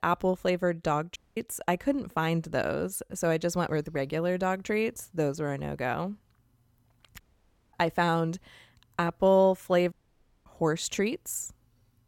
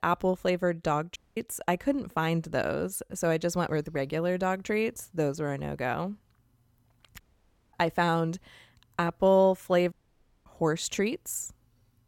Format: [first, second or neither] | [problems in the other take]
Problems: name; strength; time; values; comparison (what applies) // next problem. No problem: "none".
neither | audio cutting out; at 1 s, at 7 s for 0.5 s and at 10 s for 0.5 s; the same in both